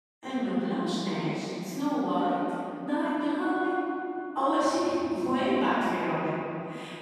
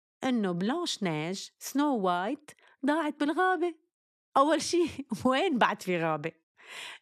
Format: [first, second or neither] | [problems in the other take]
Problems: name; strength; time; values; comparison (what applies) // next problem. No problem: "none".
second | off-mic speech; far // room echo; strong; dies away in 2.8 s